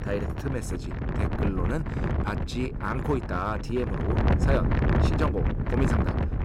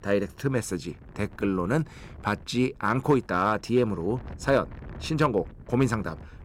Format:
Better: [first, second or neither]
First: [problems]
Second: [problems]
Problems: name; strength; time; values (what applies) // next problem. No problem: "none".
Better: second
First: wind noise on the microphone; heavy; 1 dB below the speech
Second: wind noise on the microphone; occasional gusts; 25 dB below the speech